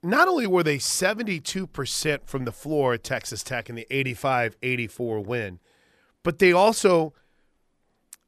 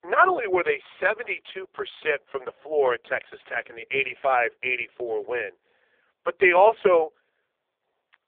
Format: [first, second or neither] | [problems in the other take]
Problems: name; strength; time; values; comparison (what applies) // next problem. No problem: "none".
first | phone-call audio; poor line